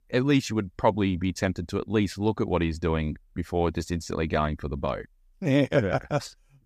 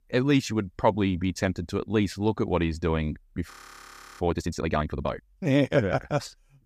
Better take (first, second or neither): first